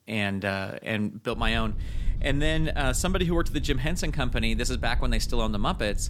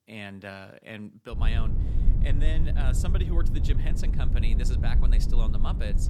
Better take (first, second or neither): first